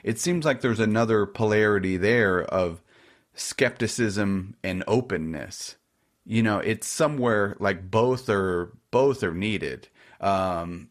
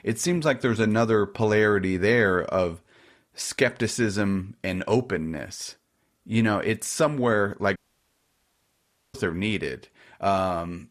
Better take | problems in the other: first | audio cutting out; at 8 s for 1.5 s

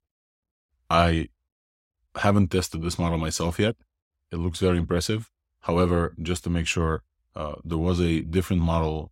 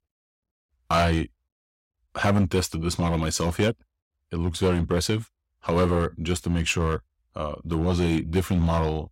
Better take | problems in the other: first | distortion; slight; 4% of the sound clipped

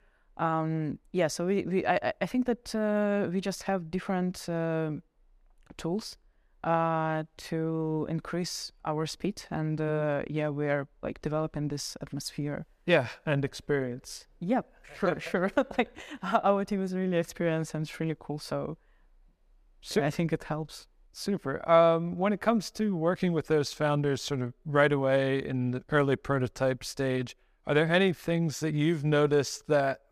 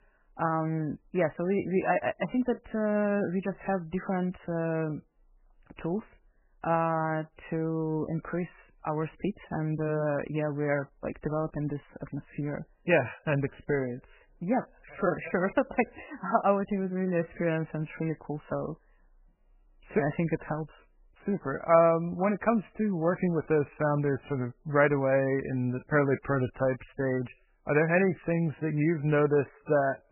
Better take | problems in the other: first | garbled, watery; badly; nothing above 3 kHz

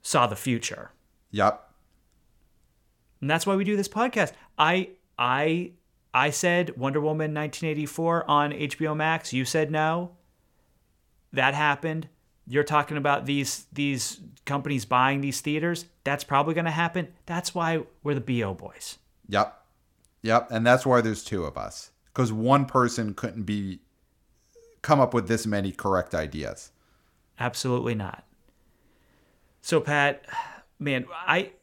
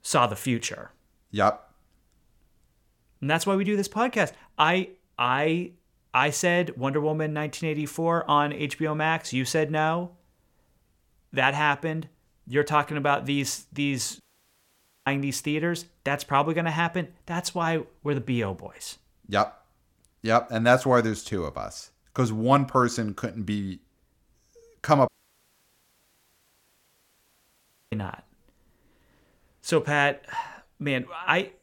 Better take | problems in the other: first | audio cutting out; at 14 s for 1 s and at 25 s for 3 s

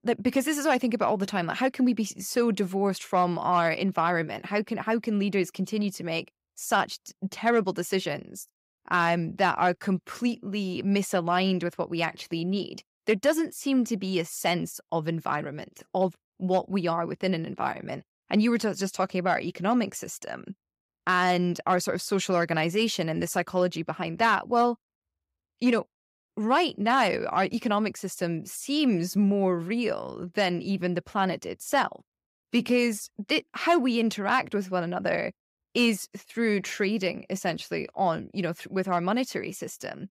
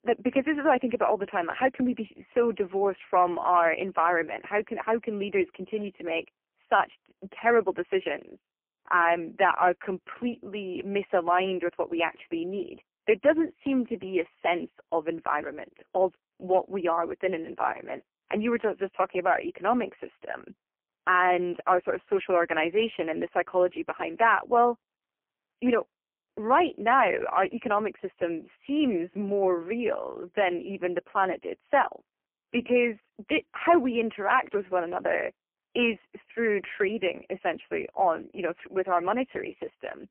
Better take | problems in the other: first | phone-call audio; poor line; nothing above 3 kHz

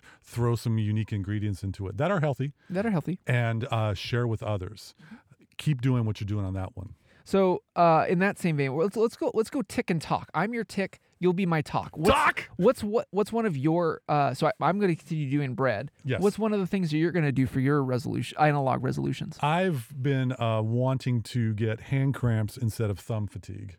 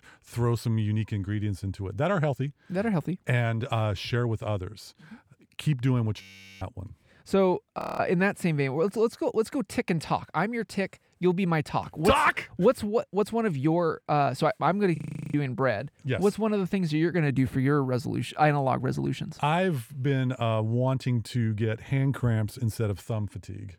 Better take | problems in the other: first | audio freezing; at 6 s, at 8 s and at 15 s

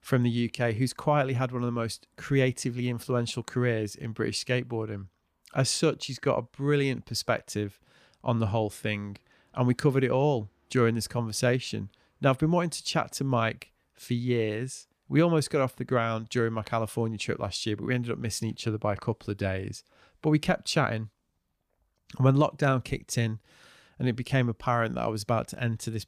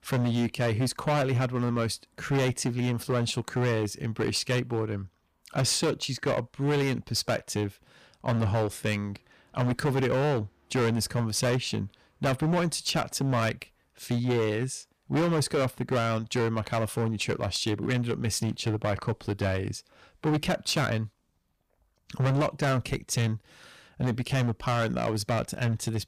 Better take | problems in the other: first | distortion; heavy; 14% of the sound clipped

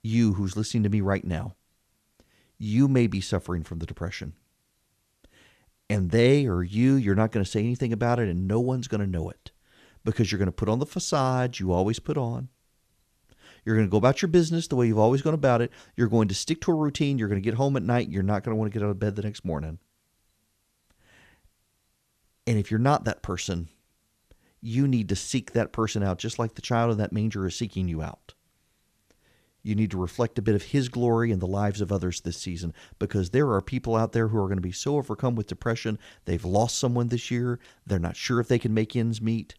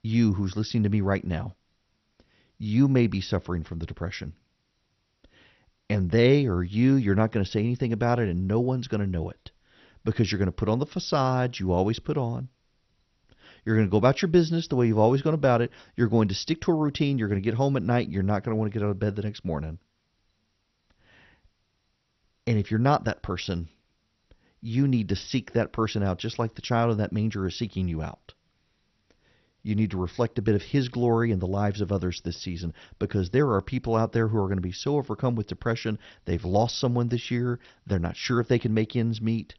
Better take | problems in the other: first | garbled, watery; slightly; nothing above 6 kHz

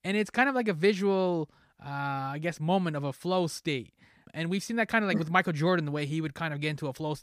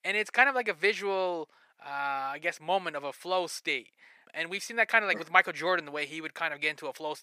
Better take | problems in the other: first | thin; very; fading below 600 Hz

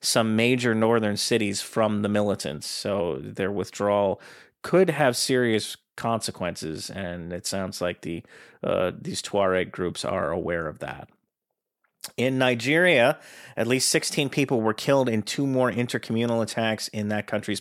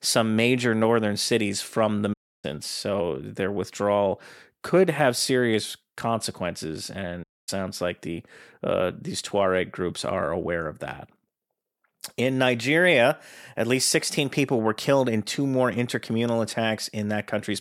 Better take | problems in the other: first | audio cutting out; at 2 s and at 7 s

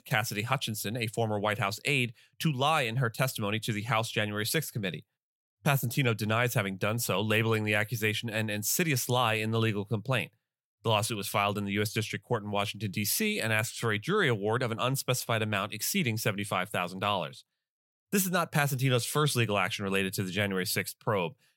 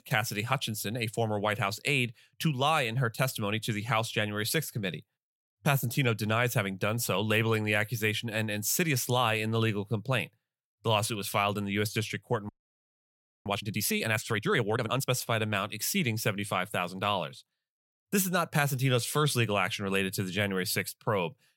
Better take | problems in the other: first | audio freezing; at 12 s for 1 s

